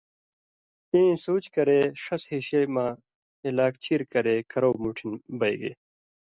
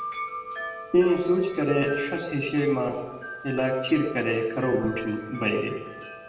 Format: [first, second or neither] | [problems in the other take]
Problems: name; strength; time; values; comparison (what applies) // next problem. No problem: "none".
first | background sound (Wind chime); 12 dB below the speech // room echo; dies away in 1.1 s